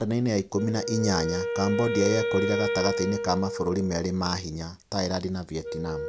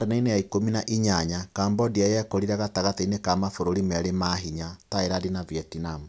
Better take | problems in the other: second | background sound (Wind instrument, woodwind instrument); 4 dB below the speech

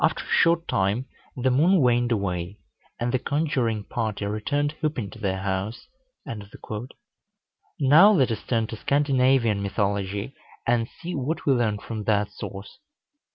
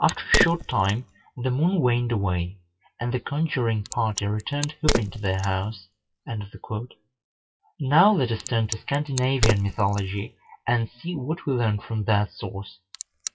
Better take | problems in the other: first | noise reduction (classical method WPE with log-MMSE)

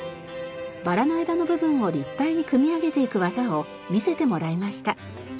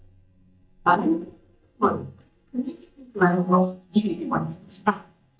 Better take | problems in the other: first | noise reduction (neural mask model DeepFilterNet 3)

